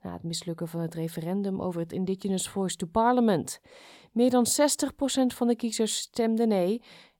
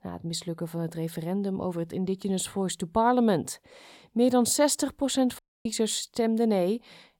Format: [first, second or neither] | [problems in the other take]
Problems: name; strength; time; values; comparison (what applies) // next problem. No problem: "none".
first | audio cutting out; at 5.5 s